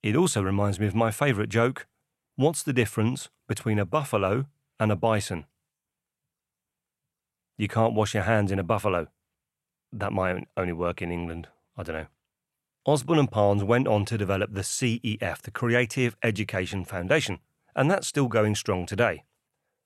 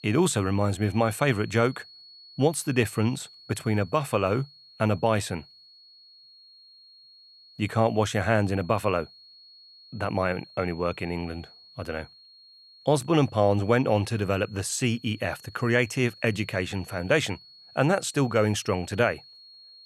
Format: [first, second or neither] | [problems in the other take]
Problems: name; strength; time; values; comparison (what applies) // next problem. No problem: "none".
first | high-pitched whine; faint; throughout; 4.5 kHz, 25 dB below the speech